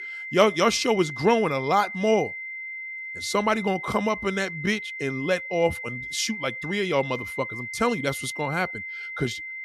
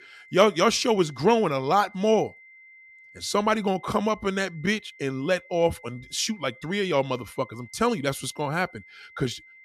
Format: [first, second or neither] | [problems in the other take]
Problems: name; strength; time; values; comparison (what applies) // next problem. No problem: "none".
second | high-pitched whine; loud; throughout; 2 kHz, 8 dB below the speech; faint in the second